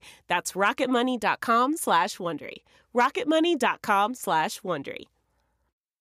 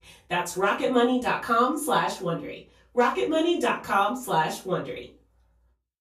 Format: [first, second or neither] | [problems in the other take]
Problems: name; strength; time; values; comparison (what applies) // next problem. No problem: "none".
first | off-mic speech; far // room echo; slight; dies away in 0.3 s